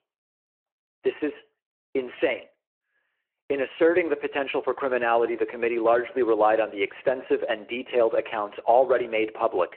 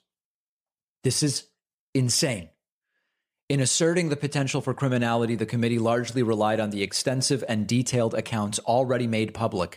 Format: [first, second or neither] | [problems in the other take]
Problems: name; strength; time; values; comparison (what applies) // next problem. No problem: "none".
second | phone-call audio